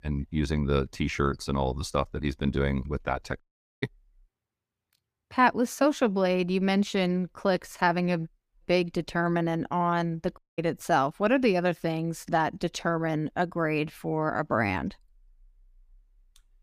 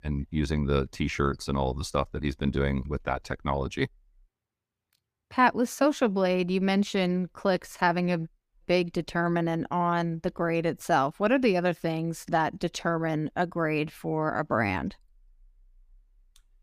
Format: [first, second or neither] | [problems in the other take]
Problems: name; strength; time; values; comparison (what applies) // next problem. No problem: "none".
second | audio cutting out; at 3.5 s and at 10 s